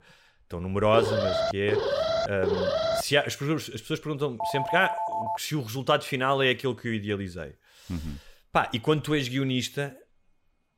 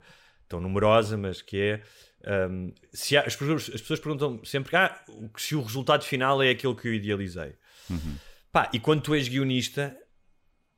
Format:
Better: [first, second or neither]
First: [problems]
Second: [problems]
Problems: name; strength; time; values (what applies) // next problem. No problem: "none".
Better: second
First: alarm; loud; from 1 to 3 s; peak 2 dB above the speech // phone ringing; noticeable; at 4.5 s; peak 2 dB below the speech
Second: none